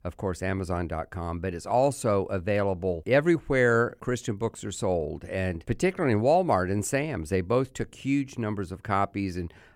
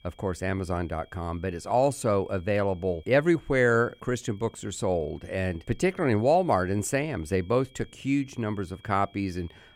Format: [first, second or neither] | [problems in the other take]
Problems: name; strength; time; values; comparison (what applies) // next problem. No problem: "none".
first | high-pitched whine; faint; throughout; 3.5 kHz, 30 dB below the speech